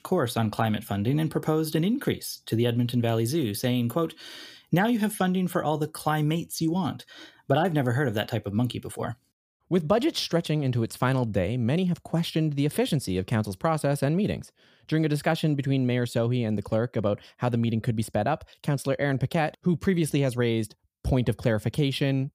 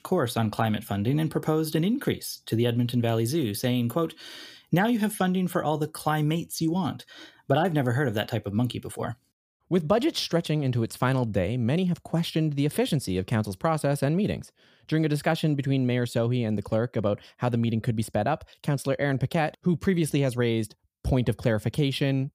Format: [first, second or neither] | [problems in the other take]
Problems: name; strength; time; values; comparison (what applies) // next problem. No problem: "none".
neither | none